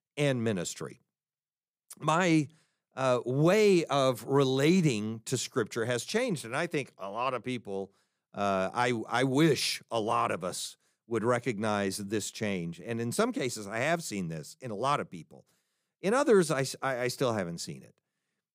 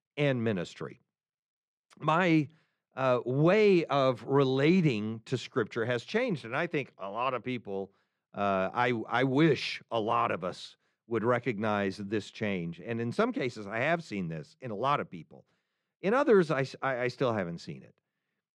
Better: first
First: none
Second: muffled; slightly; fading above 3 kHz

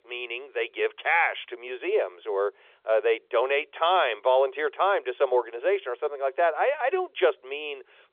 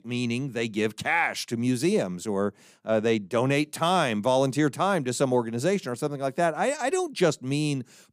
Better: second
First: phone-call audio; nothing above 3.5 kHz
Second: none

